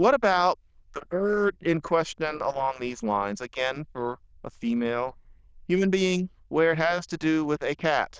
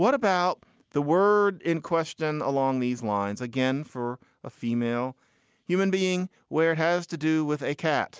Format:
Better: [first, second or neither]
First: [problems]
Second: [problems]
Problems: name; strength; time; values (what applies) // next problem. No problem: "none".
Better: second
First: noise reduction (neural diffusion model UNIVERSE++)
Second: none